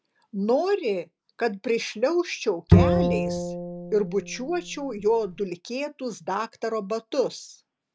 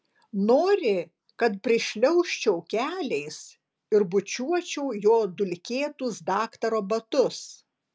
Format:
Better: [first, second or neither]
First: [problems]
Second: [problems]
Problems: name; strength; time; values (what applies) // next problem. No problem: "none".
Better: second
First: background sound (Bowed string instrument); 3 dB above the speech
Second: none